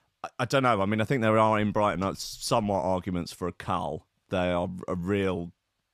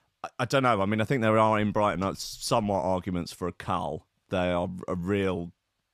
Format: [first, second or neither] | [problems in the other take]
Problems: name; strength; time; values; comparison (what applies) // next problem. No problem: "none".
neither | none